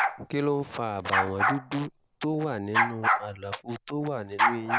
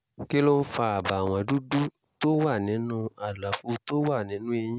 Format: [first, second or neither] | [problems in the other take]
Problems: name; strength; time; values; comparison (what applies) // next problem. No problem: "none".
second | background sound (Bark); 2 dB above the speech